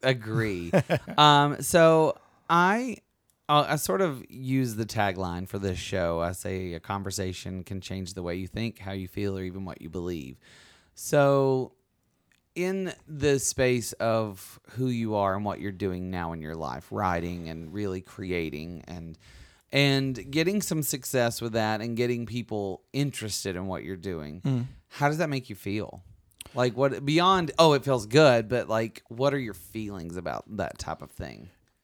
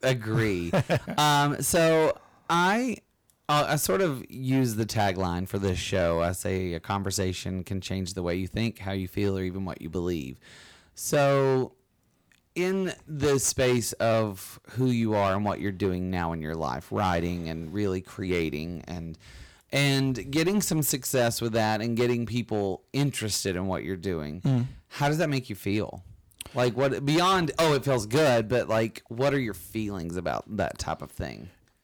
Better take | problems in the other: first | distortion; heavy; 8% of the sound clipped

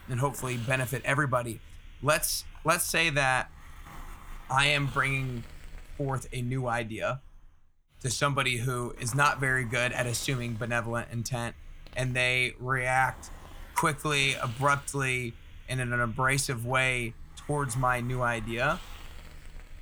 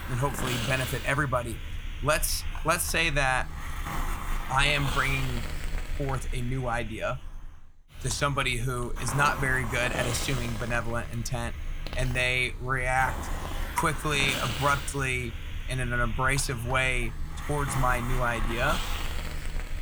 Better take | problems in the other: first | hiss; loud; throughout; 8 dB below the speech; faint in the first

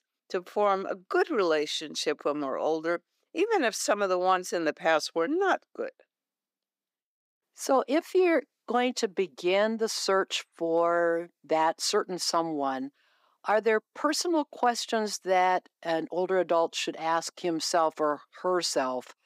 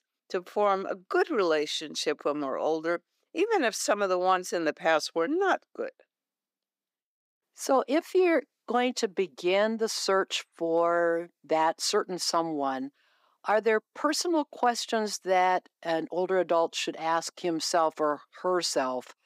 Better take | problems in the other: neither | thin; somewhat; fading below 350 Hz; the same in both

